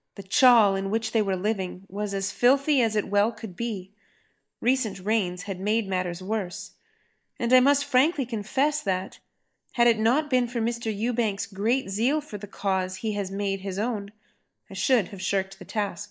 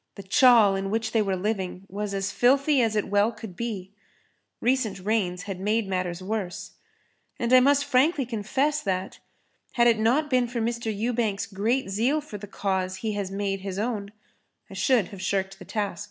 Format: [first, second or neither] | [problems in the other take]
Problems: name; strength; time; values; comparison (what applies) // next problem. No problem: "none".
second | noise reduction (neural mask model Resemble Enhance denoiser)